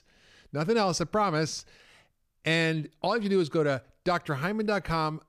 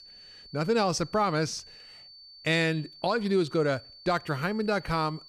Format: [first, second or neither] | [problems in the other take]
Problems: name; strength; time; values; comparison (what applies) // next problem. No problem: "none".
first | high-pitched whine; noticeable; throughout; 4.5 kHz, 20 dB below the speech